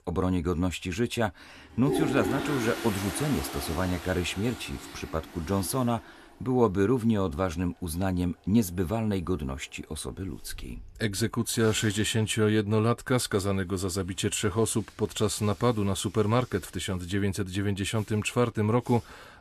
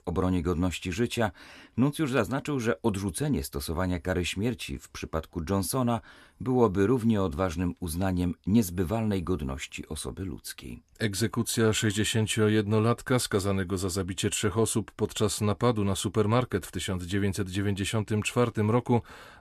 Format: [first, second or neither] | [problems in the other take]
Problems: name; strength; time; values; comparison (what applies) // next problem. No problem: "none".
second | household noises; loud; throughout; 8 dB below the speech